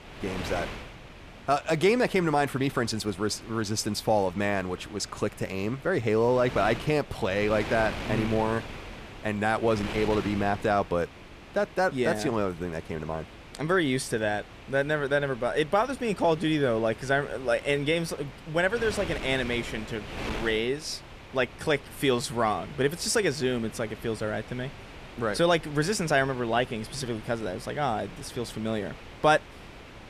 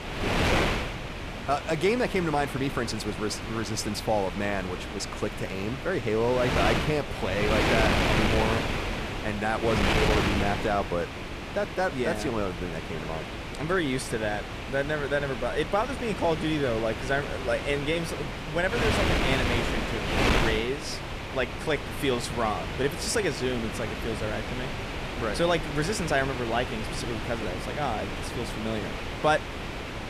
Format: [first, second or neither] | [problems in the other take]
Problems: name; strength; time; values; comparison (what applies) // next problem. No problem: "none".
first | wind noise on the microphone; heavy; 2 dB below the speech; occasional gusts in the first